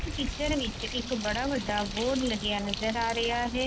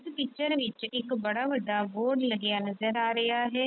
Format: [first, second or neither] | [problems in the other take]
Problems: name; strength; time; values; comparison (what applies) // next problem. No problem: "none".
second | background sound (Bird); 6 dB below the speech